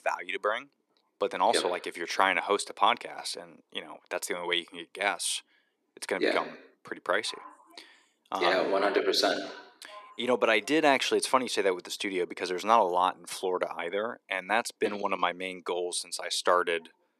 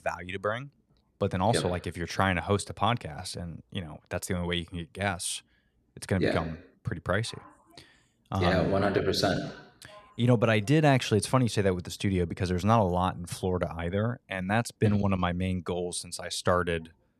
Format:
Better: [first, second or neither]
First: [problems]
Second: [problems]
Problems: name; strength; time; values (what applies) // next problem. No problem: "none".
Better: second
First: thin; somewhat; fading below 350 Hz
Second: none